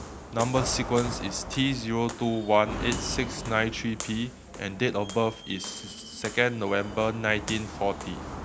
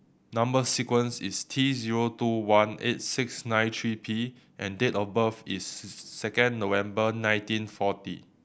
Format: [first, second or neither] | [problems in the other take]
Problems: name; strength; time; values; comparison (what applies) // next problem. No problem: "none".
second | background sound (Walk, footsteps); 9 dB below the speech